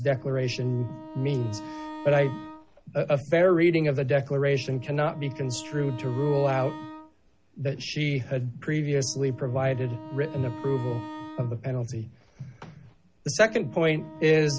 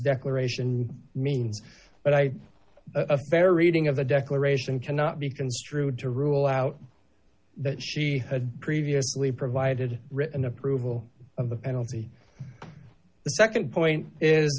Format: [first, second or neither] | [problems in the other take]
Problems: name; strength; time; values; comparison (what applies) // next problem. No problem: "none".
second | background sound (Wind instrument, woodwind instrument); 16 dB below the speech